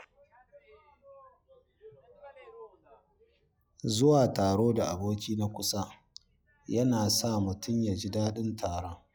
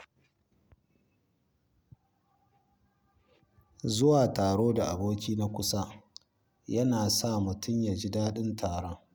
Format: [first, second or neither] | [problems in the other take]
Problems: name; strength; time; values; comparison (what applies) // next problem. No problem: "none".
second | noise reduction (classical method log-MMSE)